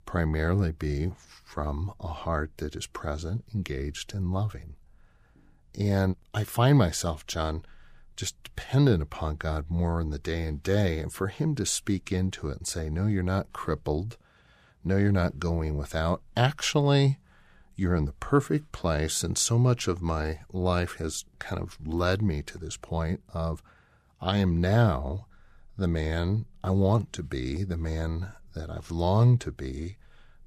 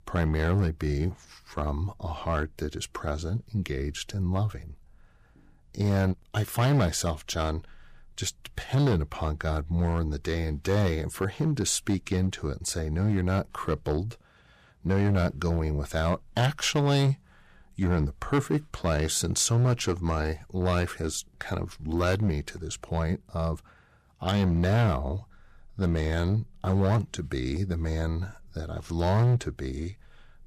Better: first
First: none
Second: distortion; slight; 5% of the sound clipped

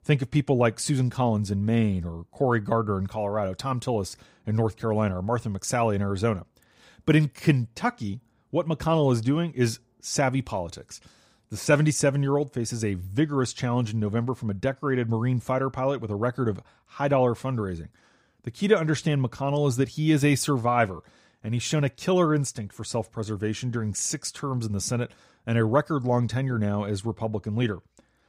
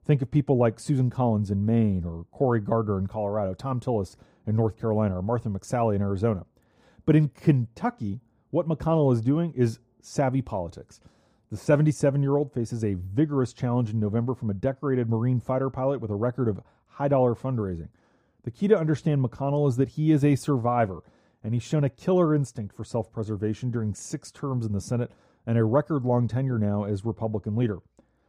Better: first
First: none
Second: muffled; slightly; fading above 1.5 kHz

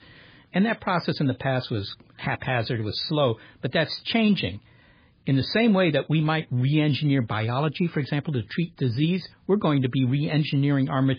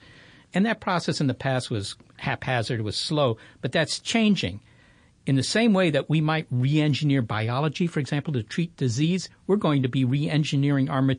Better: second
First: garbled, watery; badly; nothing above 5 kHz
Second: garbled, watery; slightly; nothing above 10 kHz

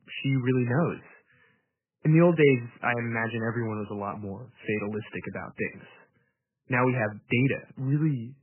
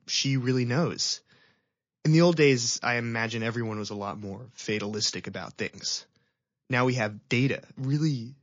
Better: second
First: garbled, watery; badly; nothing above 3 kHz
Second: garbled, watery; slightly; nothing above 6 kHz

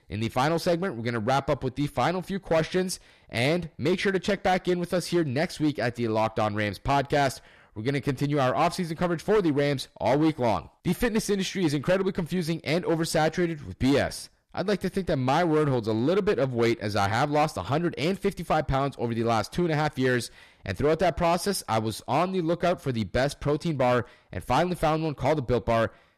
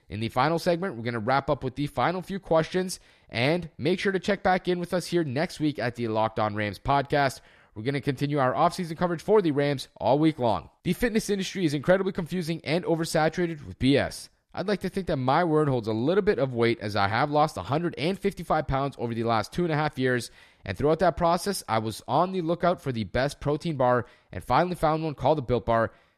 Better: second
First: distortion; slight; 7% of the sound clipped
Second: none

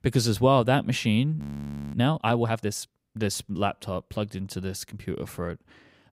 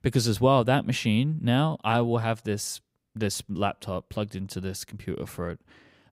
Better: second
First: audio freezing; at 1.5 s for 0.5 s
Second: none

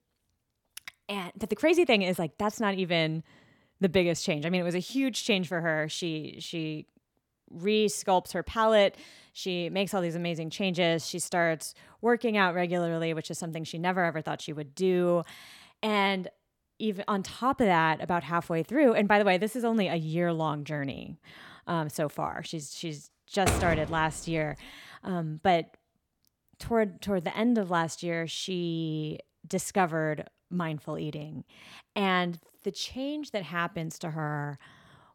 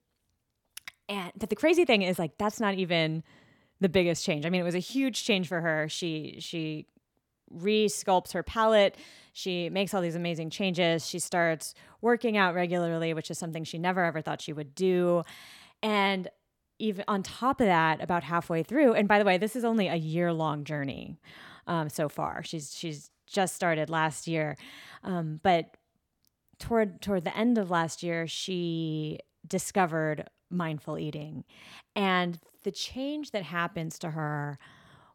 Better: second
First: door banging; loud; at 23 s; peak level with the speech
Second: none

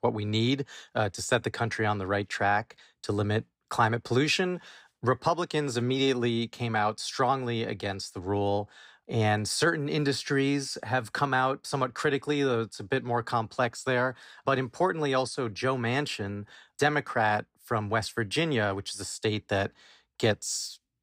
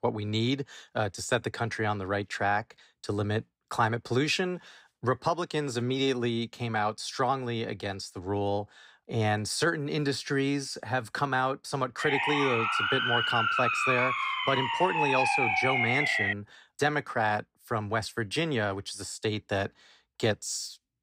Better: first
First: none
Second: siren; loud; from 12 to 16 s; peak 5 dB above the speech

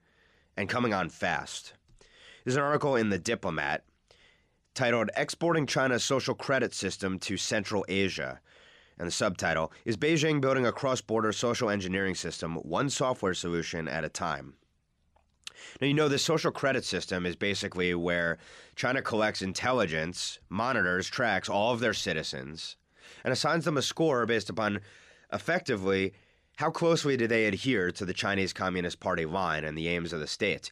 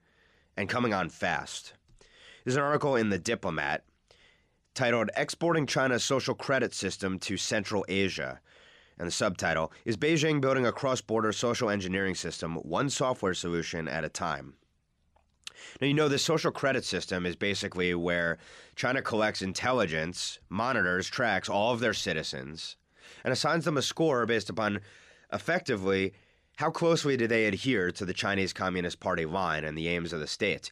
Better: neither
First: none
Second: none

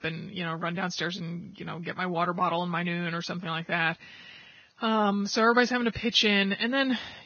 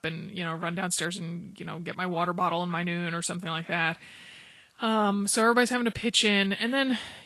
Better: second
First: garbled, watery; badly; nothing above 6.5 kHz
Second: garbled, watery; slightly; nothing above 10.5 kHz

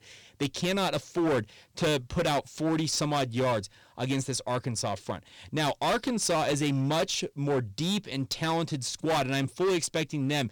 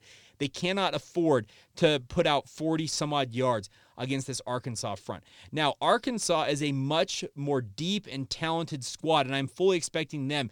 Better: second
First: distortion; heavy; 13% of the sound clipped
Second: none

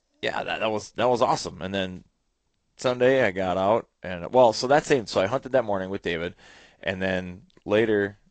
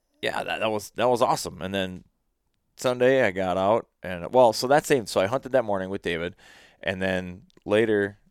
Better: second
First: garbled, watery; slightly; nothing above 8 kHz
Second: none

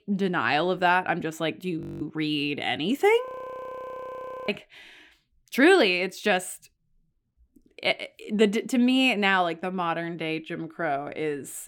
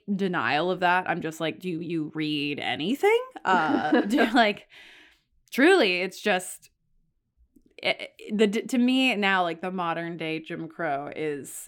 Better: second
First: audio freezing; at 2 s and at 3.5 s for 1 s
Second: none

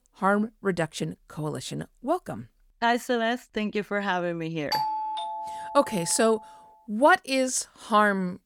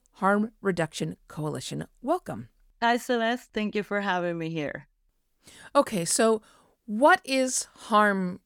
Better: second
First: doorbell; noticeable; from 4.5 to 6 s; peak 2 dB below the speech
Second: none

